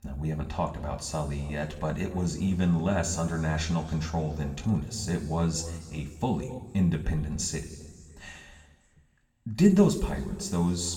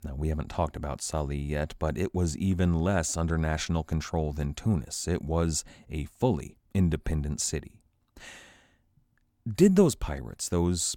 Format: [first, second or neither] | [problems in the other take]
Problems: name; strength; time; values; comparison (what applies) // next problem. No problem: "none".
second | room echo; noticeable; dies away in 1.7 s // off-mic speech; somewhat distant